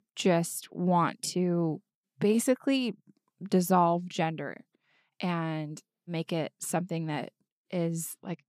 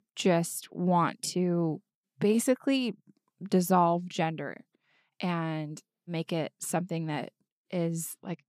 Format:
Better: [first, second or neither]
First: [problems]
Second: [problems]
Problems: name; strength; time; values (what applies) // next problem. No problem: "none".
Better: neither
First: none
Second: none